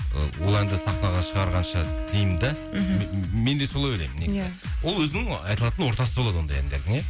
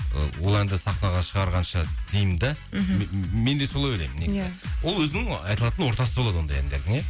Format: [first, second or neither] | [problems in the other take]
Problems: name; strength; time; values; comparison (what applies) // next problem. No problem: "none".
second | background sound (Wind instrument, woodwind instrument); 12 dB below the speech